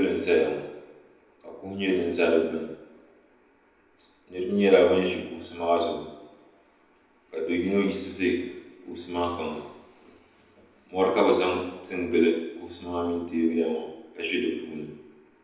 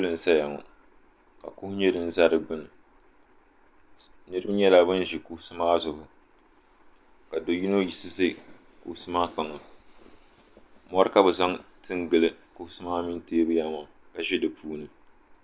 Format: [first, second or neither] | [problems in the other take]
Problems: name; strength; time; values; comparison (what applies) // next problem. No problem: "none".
second | room echo; dies away in 0.9 s